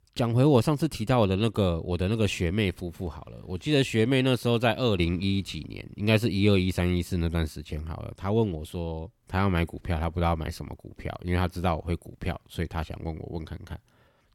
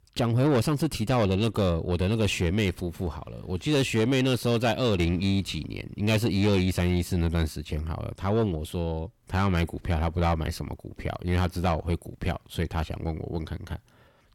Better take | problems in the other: first | distortion; slight; 10 dB below the speech

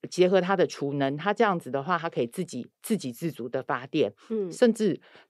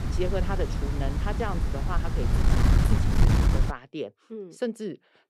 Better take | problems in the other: first | wind noise on the microphone; heavy; until 3.5 s; as loud as the speech

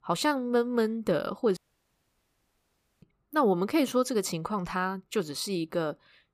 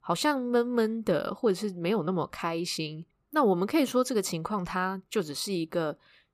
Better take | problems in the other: second | audio cutting out; at 1.5 s for 1.5 s

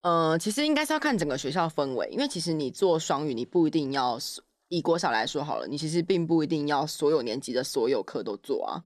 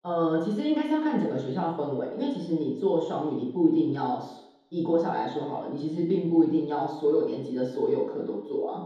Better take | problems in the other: first | room echo; noticeable; dies away in 2 s // off-mic speech; far

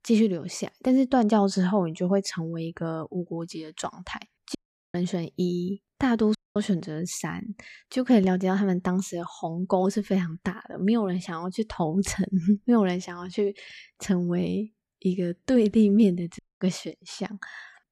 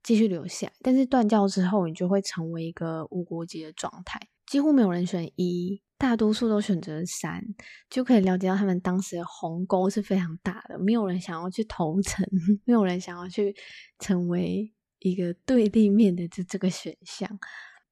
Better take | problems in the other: second | audio cutting out; at 4.5 s, at 6.5 s and at 16 s

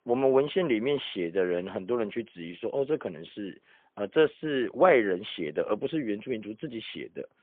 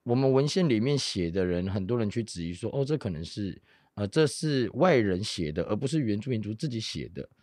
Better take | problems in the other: second | phone-call audio; poor line; nothing above 3 kHz

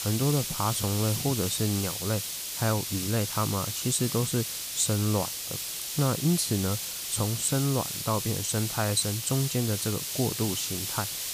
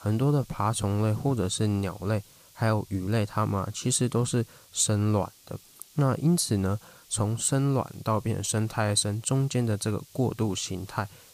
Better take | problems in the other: second | hiss; loud; throughout; 2 dB below the speech; faint in the second

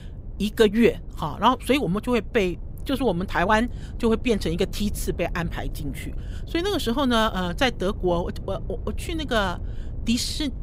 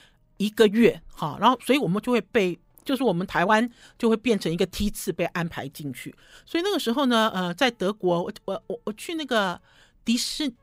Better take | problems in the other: second | wind noise on the microphone; occasional gusts; 25 dB below the speech

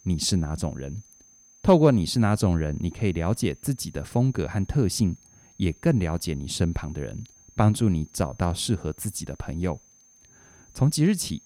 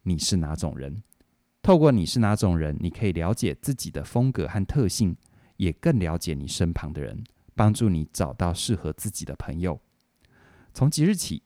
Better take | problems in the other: second | high-pitched whine; faint; throughout; 6.5 kHz, 30 dB below the speech

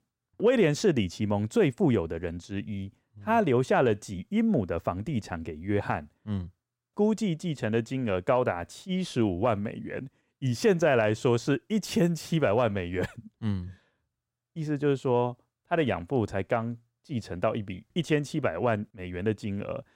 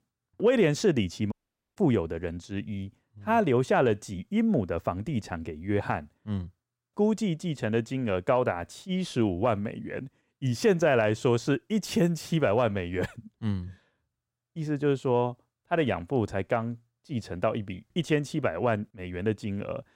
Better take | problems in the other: first | audio cutting out; at 1.5 s

